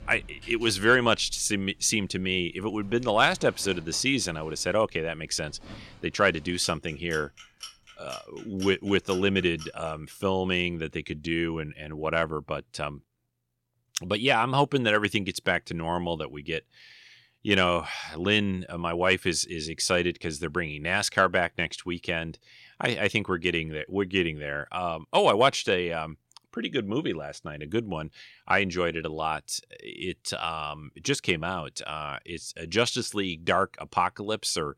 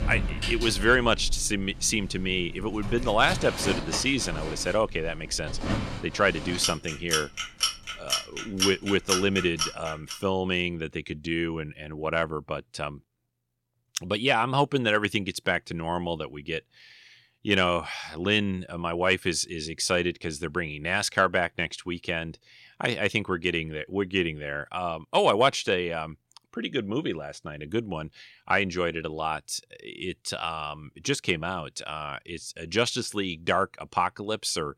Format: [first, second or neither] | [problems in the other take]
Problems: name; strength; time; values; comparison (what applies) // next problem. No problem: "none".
first | household noises; loud; until 10 s; 4 dB below the speech; faint in the first